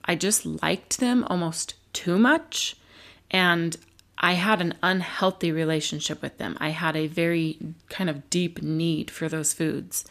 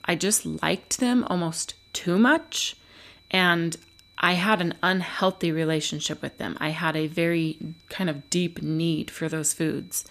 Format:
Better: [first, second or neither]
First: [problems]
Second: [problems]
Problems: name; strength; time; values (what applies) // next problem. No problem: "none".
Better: first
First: none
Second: high-pitched whine; faint; throughout; 4 kHz, 30 dB below the speech